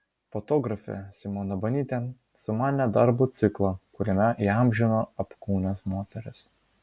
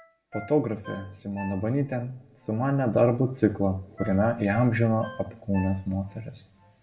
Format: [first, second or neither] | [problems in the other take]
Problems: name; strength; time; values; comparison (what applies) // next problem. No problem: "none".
first | background sound (Ringtone); 20 dB below the speech // room echo; dies away in 0.5 s